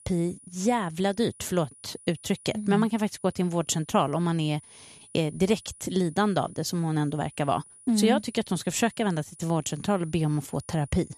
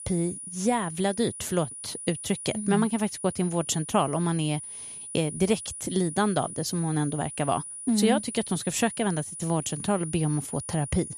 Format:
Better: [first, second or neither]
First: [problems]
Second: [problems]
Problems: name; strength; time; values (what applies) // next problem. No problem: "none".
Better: first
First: high-pitched whine; faint; throughout; 9.5 kHz, 20 dB below the speech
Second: high-pitched whine; loud; throughout; 9.5 kHz, 9 dB below the speech